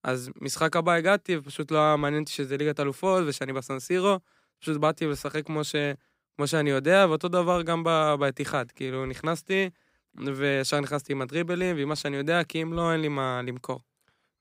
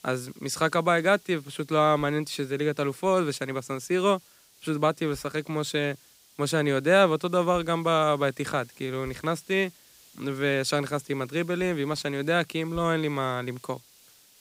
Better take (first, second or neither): first